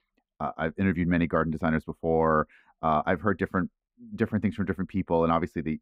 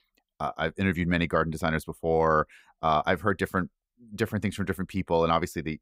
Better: second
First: muffled; slightly; fading above 3.5 kHz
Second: none

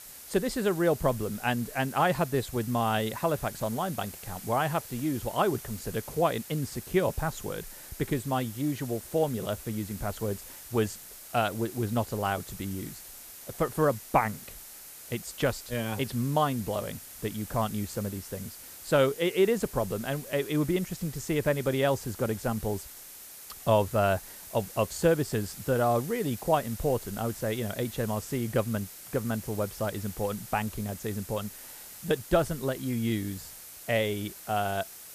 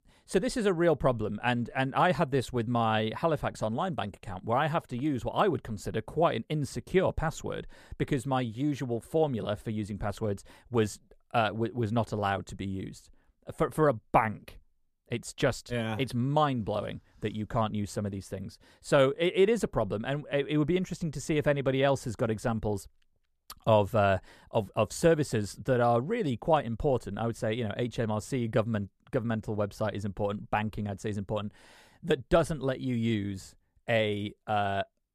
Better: second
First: hiss; noticeable; throughout; 15 dB below the speech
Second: none

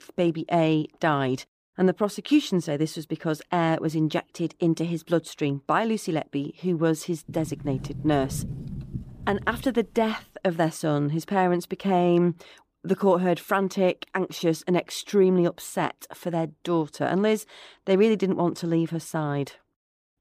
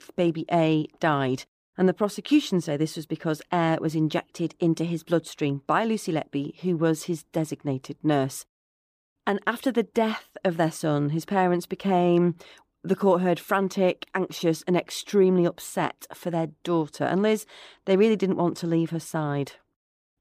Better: second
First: door banging; noticeable; from 7.5 to 9.5 s; peak 8 dB below the speech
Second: none

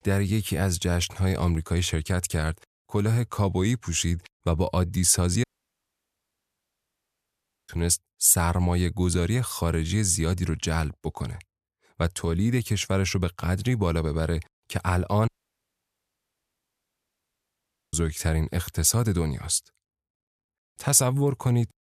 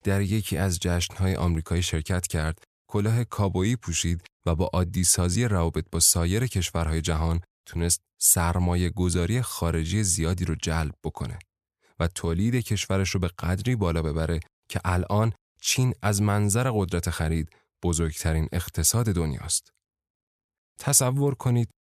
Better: second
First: audio cutting out; at 5.5 s for 2 s and at 15 s for 2.5 s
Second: none

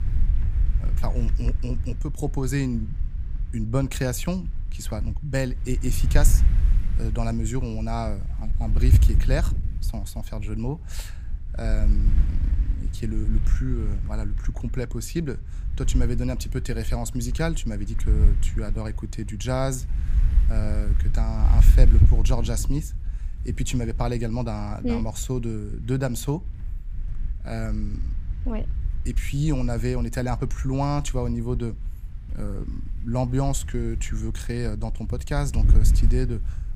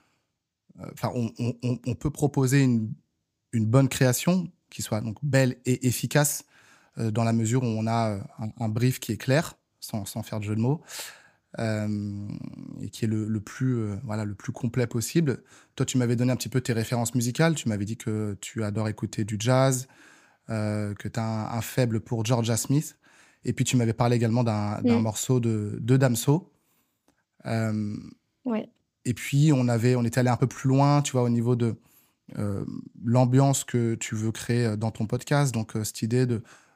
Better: second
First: wind noise on the microphone; occasional gusts; 10 dB below the speech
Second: none

